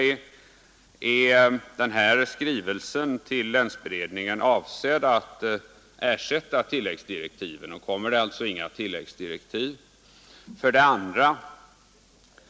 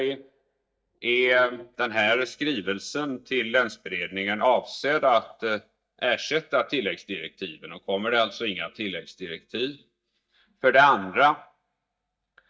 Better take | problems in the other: first | noise reduction (neural mask model DeepFilterNet 3)

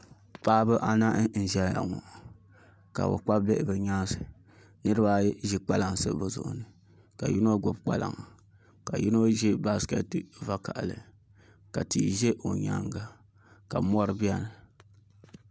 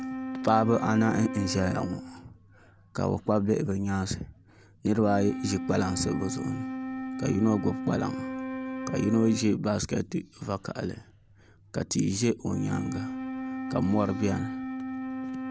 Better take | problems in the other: first | background sound (Wind instrument, woodwind instrument); 8 dB below the speech

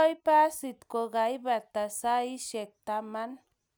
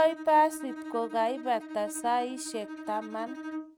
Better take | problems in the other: first | noise reduction (neural mask model RNNoise)

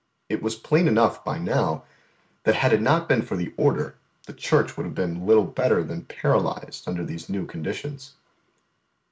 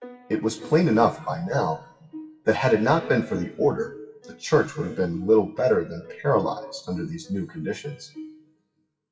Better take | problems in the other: first | noise reduction (classical method WPE with log-MMSE)

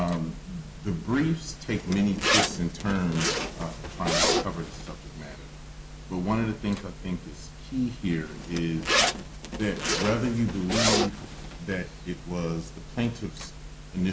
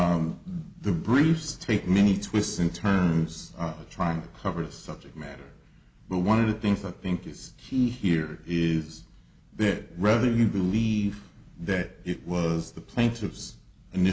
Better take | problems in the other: second | background sound (Zipper (clothing)); 1 dB below the speech

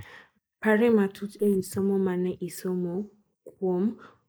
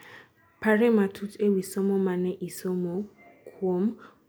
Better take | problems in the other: second | noise reduction (neural mask model Resemble Enhance denoiser)

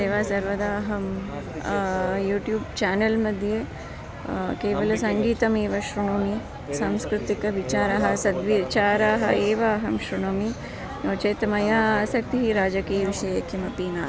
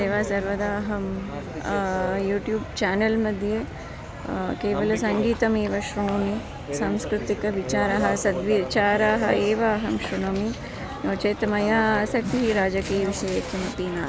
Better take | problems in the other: first | background sound (Dog); 18 dB below the speech

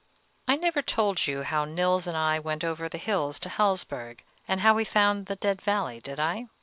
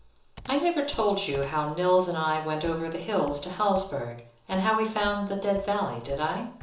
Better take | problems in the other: first | background sound (Computer keyboard); 20 dB below the speech // room echo; dies away in 0.6 s

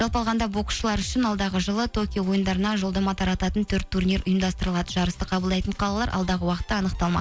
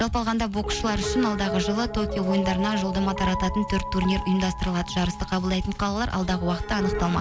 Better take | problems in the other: first | background sound (Piano); 8 dB below the speech

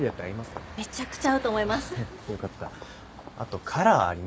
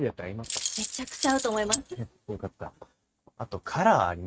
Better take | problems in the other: first | noise reduction (neural mask model RNNoise)

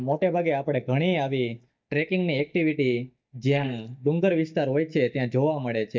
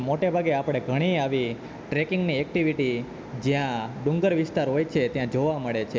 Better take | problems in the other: second | noise reduction (neural mask model DeepFilterNet 3)

